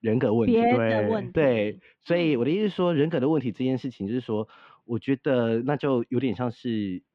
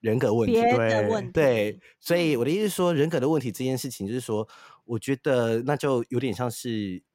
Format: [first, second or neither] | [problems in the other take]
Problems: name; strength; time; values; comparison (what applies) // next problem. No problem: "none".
second | muffled; slightly; fading above 3.5 kHz